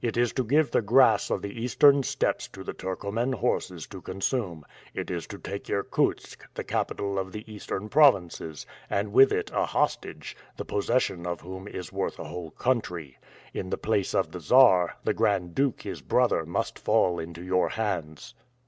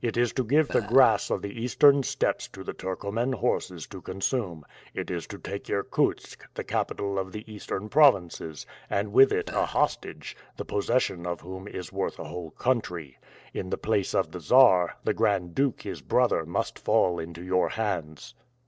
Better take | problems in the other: first | noise reduction (neural separator model SepFormer DNS4)

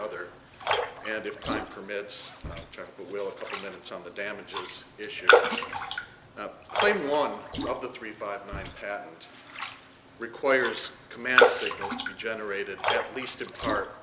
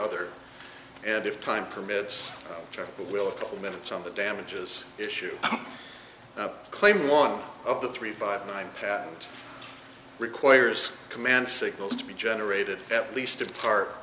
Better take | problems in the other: second | background sound (Raindrop); 3 dB above the speech

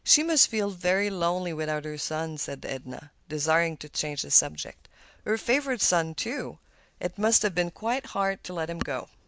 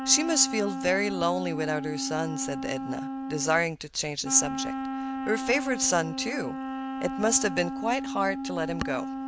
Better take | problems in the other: first | background sound (Wind instrument, woodwind instrument); 5 dB below the speech

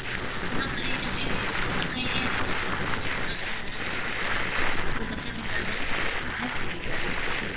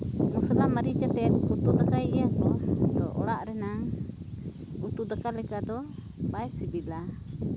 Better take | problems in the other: second | noise reduction (neural separator model SepFormer WHAMR!)

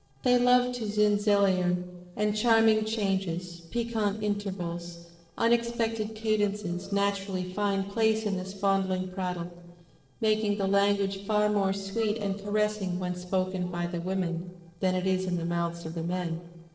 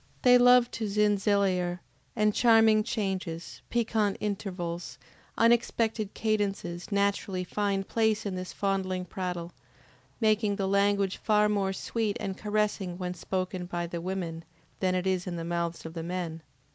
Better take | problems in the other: second | noise reduction (neural separator model SepFormer DNS4)

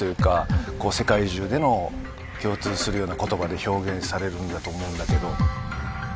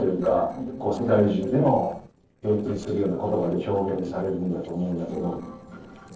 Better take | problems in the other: first | noise reduction (neural separator model SepFormer DNS4)

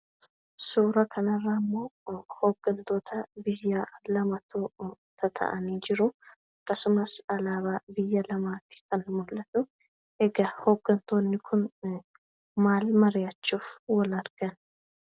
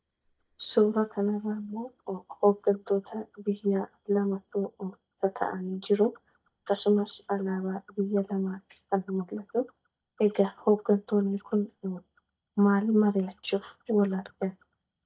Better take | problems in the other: first | noise reduction (neural mask model DeepFilterNet 3)

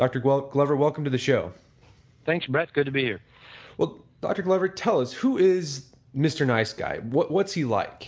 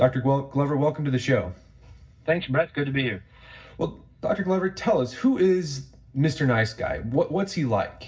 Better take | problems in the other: first | room echo; dies away in 0.4 s

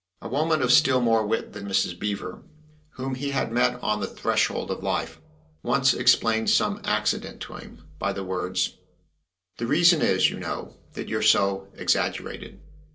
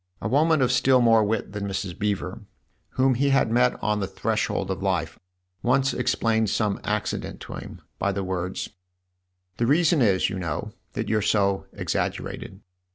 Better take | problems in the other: second | room echo; dies away in 0.2 s

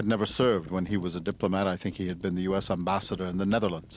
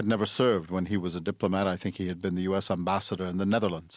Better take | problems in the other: second | background sound (Fire); 19 dB below the speech

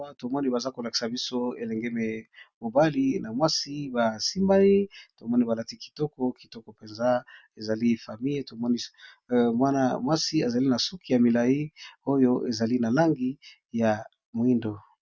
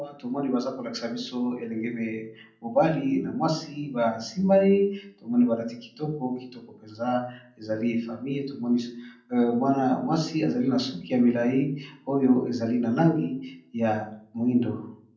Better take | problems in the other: first | room echo; dies away in 0.6 s

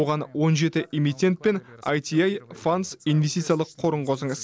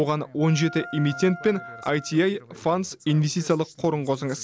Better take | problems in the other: first | background sound (Wind instrument, woodwind instrument); 16 dB below the speech

